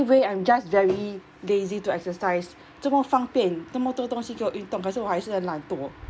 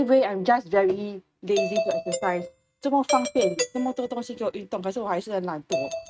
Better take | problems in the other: first | noise reduction (neural mask model RNNoise)

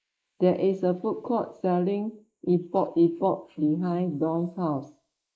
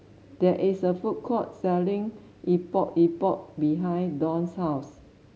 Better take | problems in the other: second | noise reduction (neural mask model Resemble Enhance denoiser)

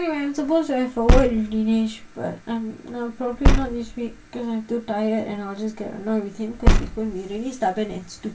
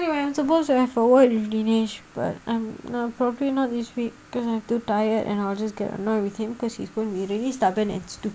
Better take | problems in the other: second | background sound (Car); 4 dB above the speech // room echo; dies away in 0.2 s

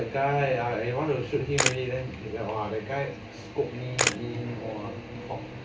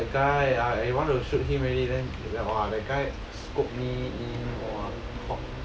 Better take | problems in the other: second | background sound (Camera); 3 dB below the speech // room echo; dies away in 0.3 s

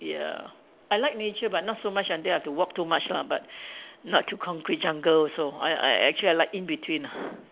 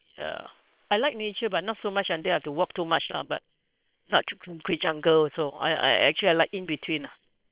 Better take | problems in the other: first | noise reduction (neural separator model SepFormer WHAM!)

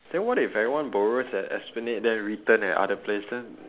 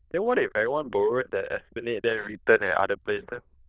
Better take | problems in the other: first | noise reduction (neural diffusion model UNIVERSE++)

